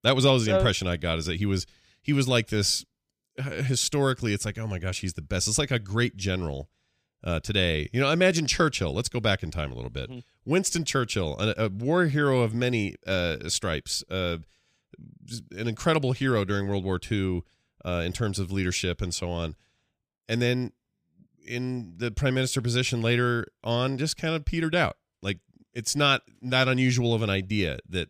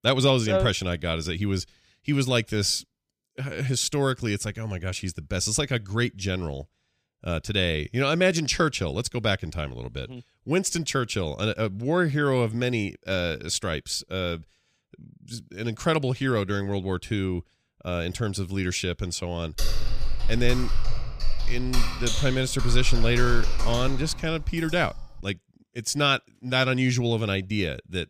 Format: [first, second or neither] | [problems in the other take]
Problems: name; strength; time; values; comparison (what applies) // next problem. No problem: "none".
first | keyboard typing; noticeable; from 20 to 25 s; peak 2 dB below the speech